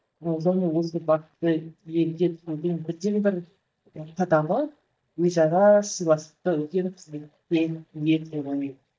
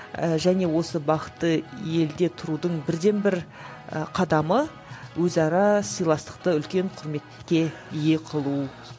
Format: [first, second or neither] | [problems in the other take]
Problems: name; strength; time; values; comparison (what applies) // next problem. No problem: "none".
second | noise reduction (neural mask model DeepFilterNet 3)